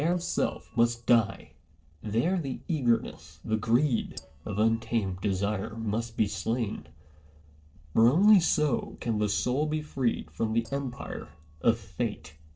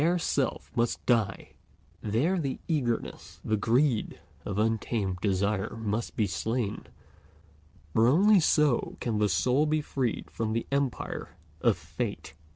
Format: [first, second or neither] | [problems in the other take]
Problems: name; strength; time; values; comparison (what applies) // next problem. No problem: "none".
second | noise reduction (neural separator model SepFormer DNS4)